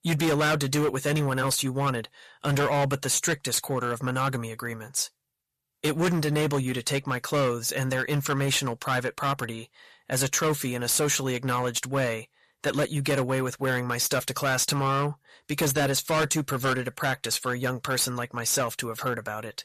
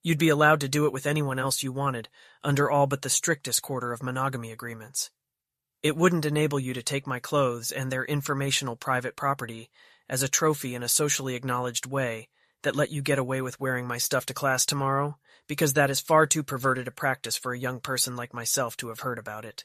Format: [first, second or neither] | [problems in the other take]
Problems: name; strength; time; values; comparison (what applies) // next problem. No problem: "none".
second | distortion; heavy; 12% of the sound clipped